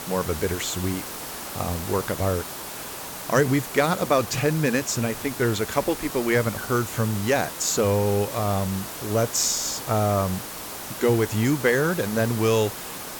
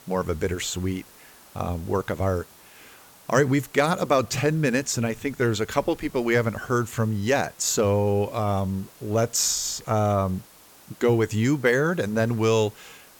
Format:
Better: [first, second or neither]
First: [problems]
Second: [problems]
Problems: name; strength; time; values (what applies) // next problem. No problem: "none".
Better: second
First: hiss; loud; throughout; 9 dB below the speech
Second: hiss; faint; throughout; 25 dB below the speech